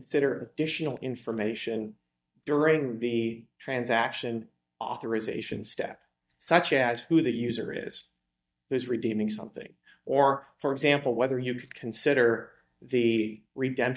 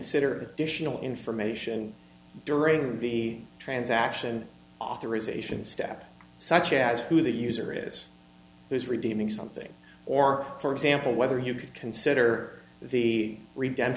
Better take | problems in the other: second | noise reduction (neural mask model DeepFilterNet 3)

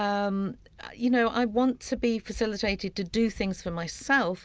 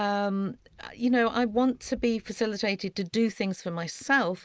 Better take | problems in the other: first | noise reduction (neural mask model Resemble Enhance denoiser)

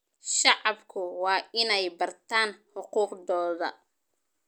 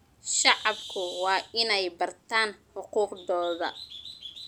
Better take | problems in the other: first | background sound (Bird); 15 dB below the speech

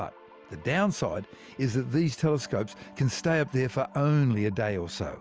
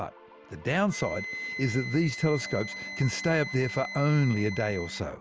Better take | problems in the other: first | background sound (Wind instrument, woodwind instrument); 11 dB below the speech

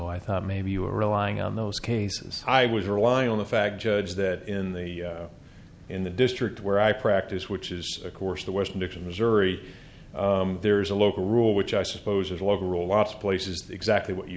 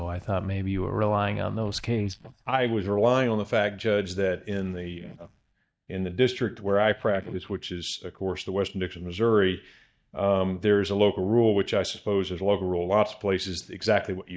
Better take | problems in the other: first | noise reduction (neural mask model DeepFilterNet 3)

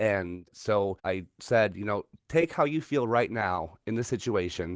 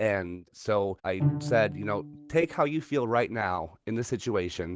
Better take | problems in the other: first | background sound (Bowed string instrument); 6 dB below the speech

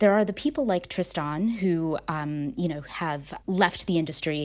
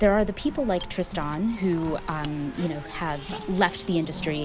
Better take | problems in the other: first | background sound (Mechanisms + Race car, auto racing); 10 dB below the speech

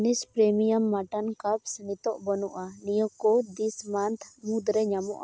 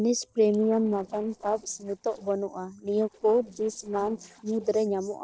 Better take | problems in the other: first | noise reduction (neural separator model SepFormer DNS4)

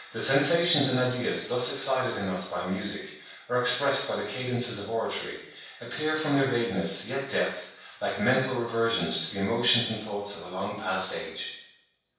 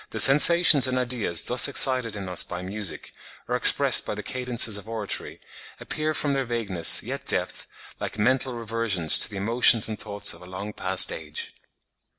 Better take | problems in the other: second | room echo; dies away in 0.7 s

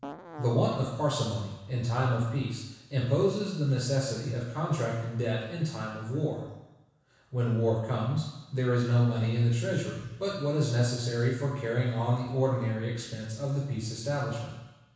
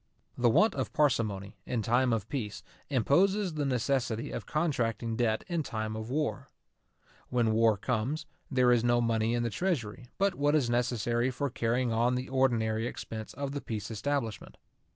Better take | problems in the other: second | background sound (Fart); 14 dB below the speech // room echo; dies away in 1.1 s

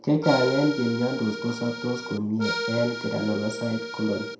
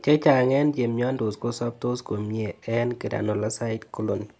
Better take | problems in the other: second | background sound (Accordion); 7 dB below the speech // room echo; dies away in 0.5 s

